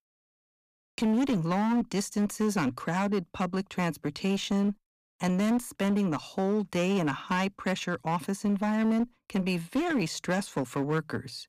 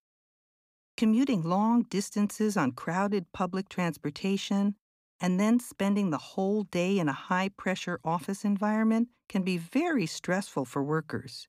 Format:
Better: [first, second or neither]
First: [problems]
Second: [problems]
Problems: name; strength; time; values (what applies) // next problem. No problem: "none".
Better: second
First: distortion; slight; 14% of the sound clipped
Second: none